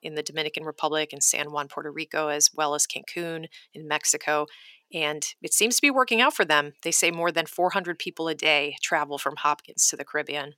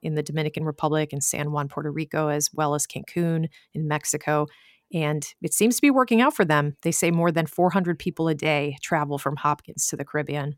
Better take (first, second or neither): second